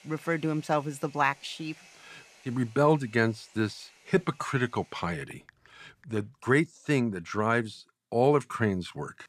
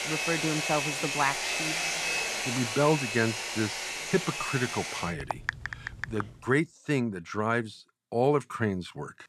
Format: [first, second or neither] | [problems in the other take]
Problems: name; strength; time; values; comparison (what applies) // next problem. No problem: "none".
first | household noises; loud; until 6.5 s; 1 dB below the speech; faint in the first